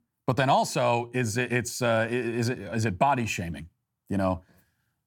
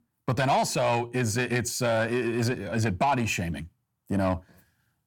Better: first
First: none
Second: distortion; slight; 10 dB below the speech

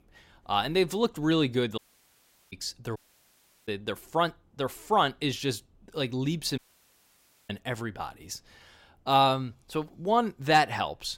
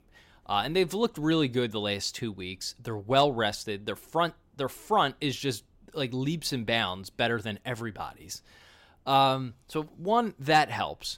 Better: second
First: audio cutting out; at 2 s for 0.5 s, at 3 s for 0.5 s and at 6.5 s for 1 s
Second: none

